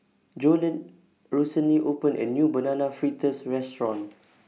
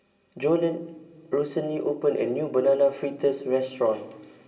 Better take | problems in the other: first | room echo; dies away in 2.3 s

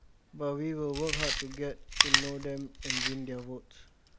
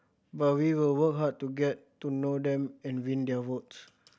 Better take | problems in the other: second | background sound (Chewing, mastication); 3 dB above the speech

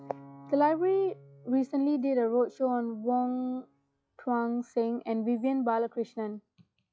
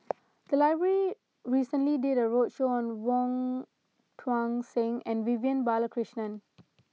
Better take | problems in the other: second | noise reduction (classical method log-MMSE)

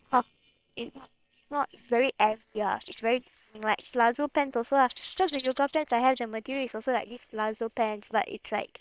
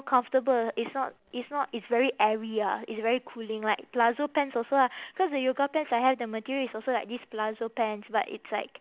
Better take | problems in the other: second | noise reduction (neural separator model SepFormer WHAM!)

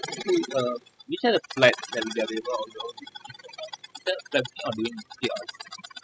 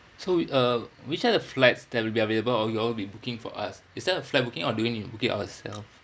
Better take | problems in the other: second | noise reduction (classical method spectral subtraction)

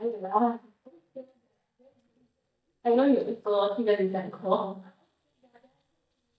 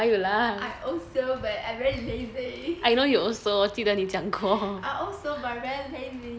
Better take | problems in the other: second | noise reduction (neural mask model DeepFilterNet 3)

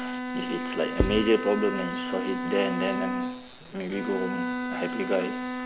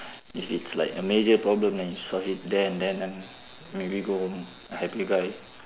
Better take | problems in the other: second | background sound (Bowed string instrument + Writing); 2 dB below the speech

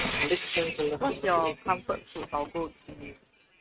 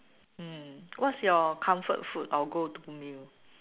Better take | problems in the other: second | noise reduction (neural mask model RNNoise)

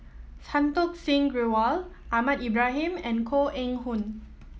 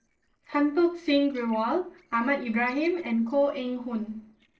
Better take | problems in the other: first | noise reduction (neural separator model SepFormer DNS4)

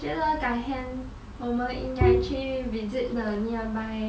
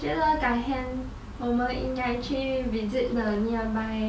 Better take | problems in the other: second | background sound (Bowed string instrument); 3 dB above the speech

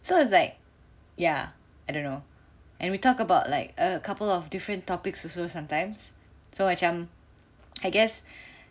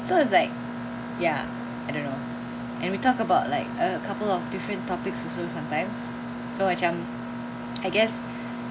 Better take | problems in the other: first | background sound (Mechanisms); 5 dB below the speech

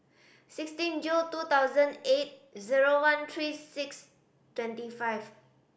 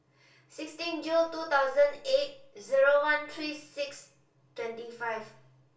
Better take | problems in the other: first | room echo; dies away in 0.2 s

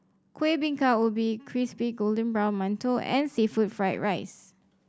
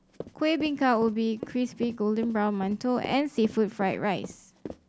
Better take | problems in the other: first | background sound (Run); 16 dB below the speech

